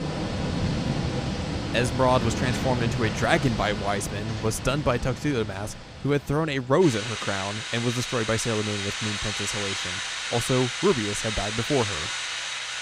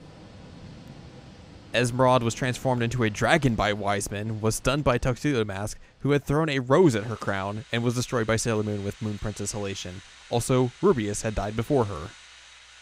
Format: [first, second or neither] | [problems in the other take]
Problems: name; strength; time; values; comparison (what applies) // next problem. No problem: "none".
second | rain or running water; loud; throughout; 3 dB below the speech; faint in the second